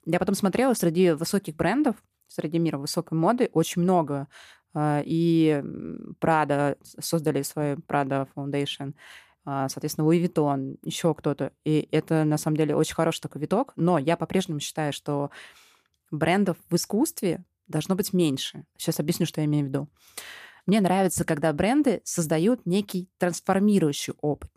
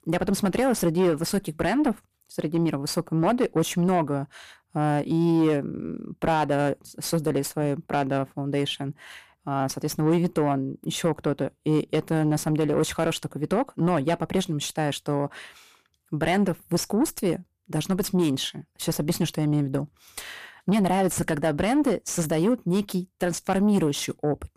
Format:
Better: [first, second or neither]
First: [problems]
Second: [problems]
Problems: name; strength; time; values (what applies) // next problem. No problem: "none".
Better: first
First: none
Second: distortion; slight; 10 dB below the speech